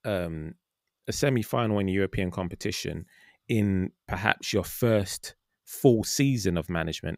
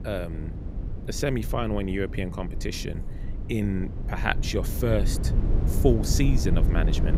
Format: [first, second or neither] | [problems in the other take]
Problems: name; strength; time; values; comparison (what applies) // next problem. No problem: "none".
first | low rumble; noticeable; throughout; 10 dB below the speech